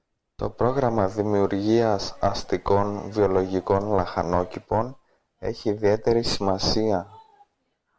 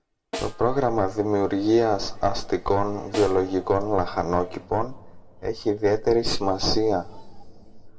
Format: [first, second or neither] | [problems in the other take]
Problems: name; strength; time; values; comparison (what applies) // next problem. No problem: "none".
first | background sound (Snare drum); 16 dB below the speech // room echo; dies away in 1.3 s